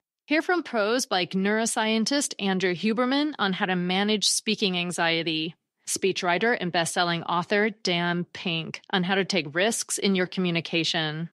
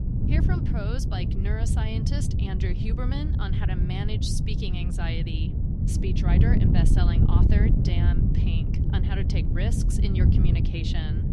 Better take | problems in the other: first | wind noise on the microphone; heavy; as loud as the speech

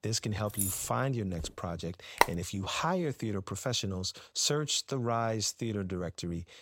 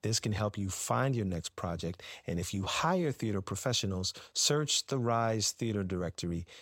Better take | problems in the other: second | jangling keys; loud; at 0.5 s; peak level with the speech // footsteps; faint; at 1.5 s; peak 15 dB below the speech // phone ringing; very faint; at 2 s; peak 4 dB above the speech

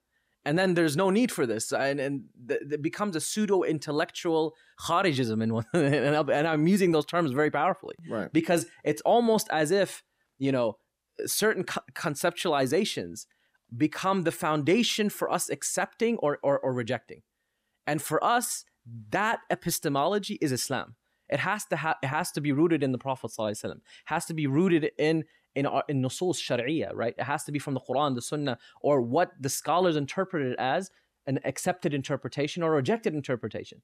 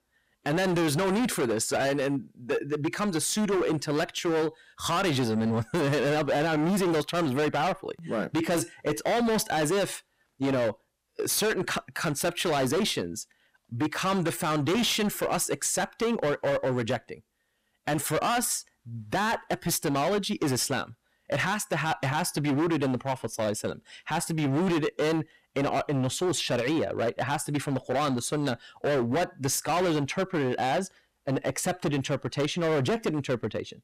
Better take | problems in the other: first | distortion; heavy; 21% of the sound clipped

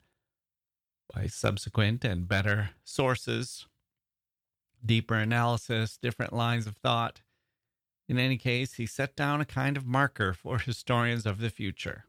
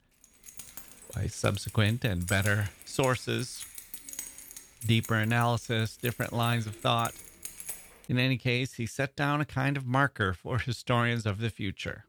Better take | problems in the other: first | jangling keys; noticeable; until 8 s; peak 8 dB below the speech

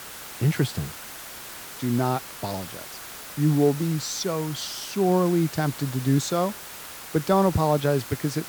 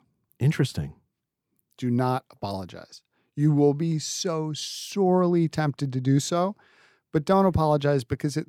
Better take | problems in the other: second | hiss; noticeable; throughout; 10 dB below the speech

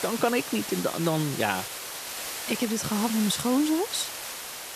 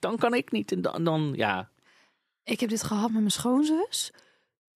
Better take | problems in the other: second | hiss; loud; throughout; 6 dB below the speech

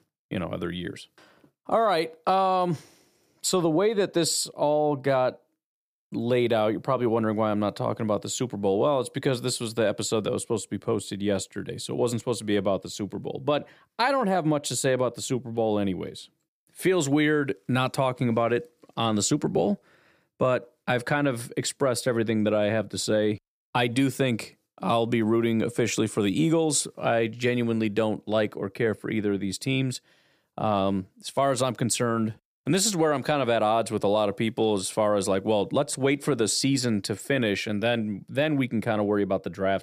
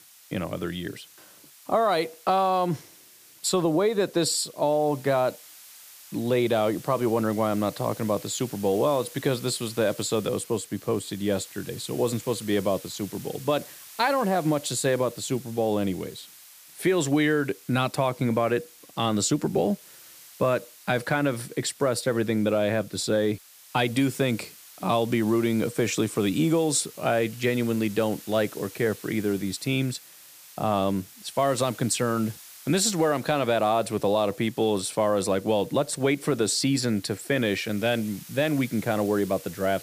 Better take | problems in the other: first | hiss; noticeable; throughout; 20 dB below the speech

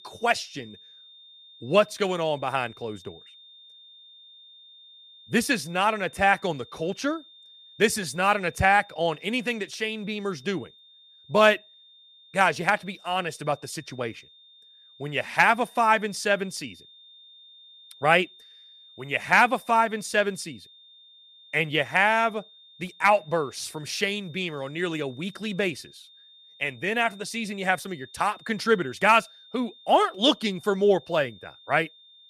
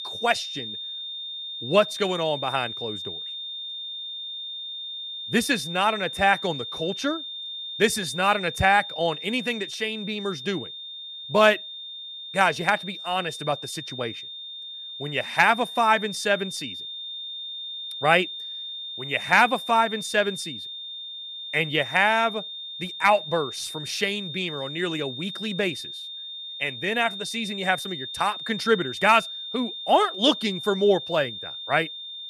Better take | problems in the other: first | high-pitched whine; loud; throughout; 3.5 kHz, 9 dB below the speech; faint in the first

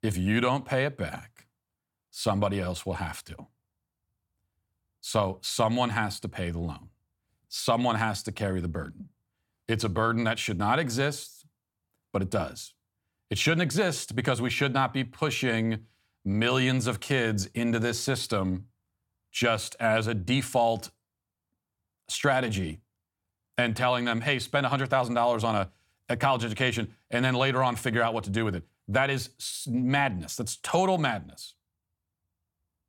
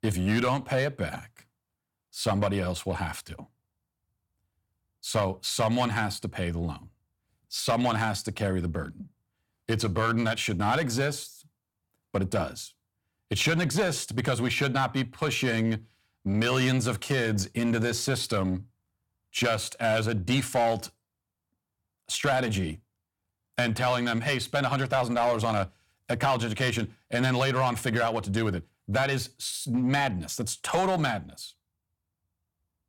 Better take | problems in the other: first | distortion; slight; 4% of the sound clipped

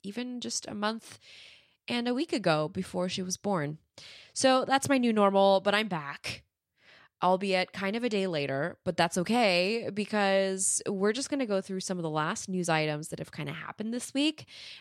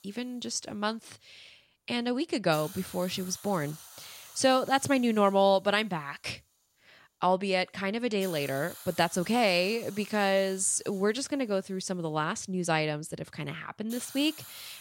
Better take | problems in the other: first | hiss; noticeable; throughout; 15 dB below the speech

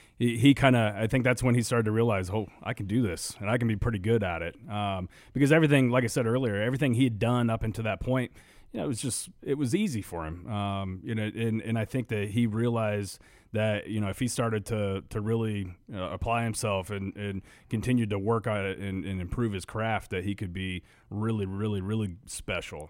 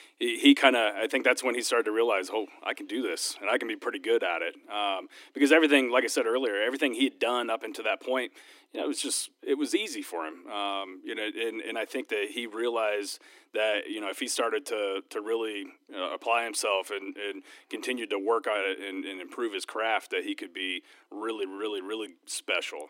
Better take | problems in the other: first | thin; somewhat; fading below 300 Hz

